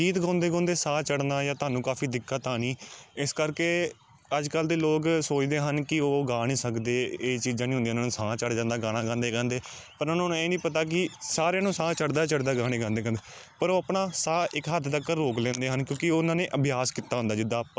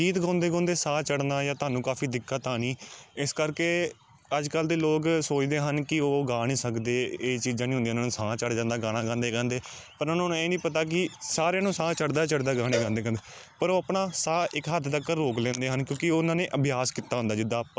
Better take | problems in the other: first | background sound (Cowbell); 10 dB below the speech

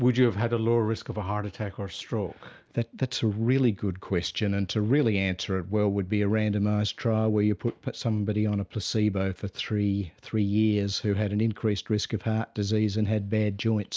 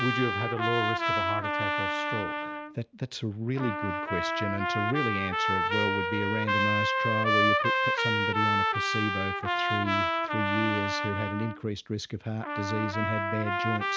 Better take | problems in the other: first | background sound (Trumpet); 3 dB above the speech

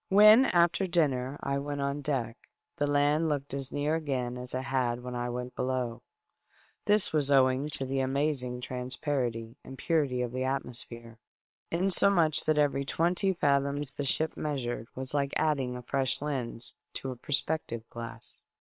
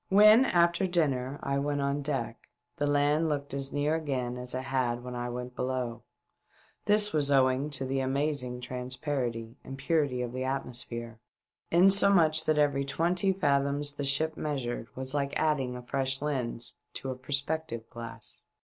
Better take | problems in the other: second | noise reduction (neural separator model SepFormer WHAM!)

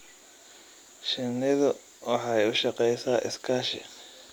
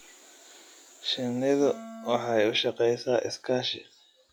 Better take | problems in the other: first | noise reduction (classical method log-MMSE)

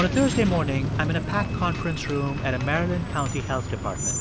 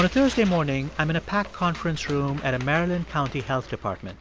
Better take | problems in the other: second | background sound (Screech); 2 dB below the speech

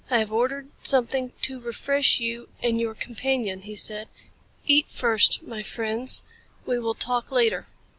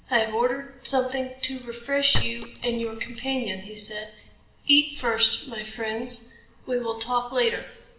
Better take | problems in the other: first | background sound (Chink, clink); 2 dB below the speech // room echo; dies away in 1 s

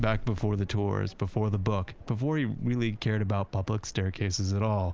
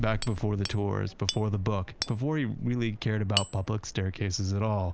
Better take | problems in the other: first | background sound (Hammer); 12 dB below the speech

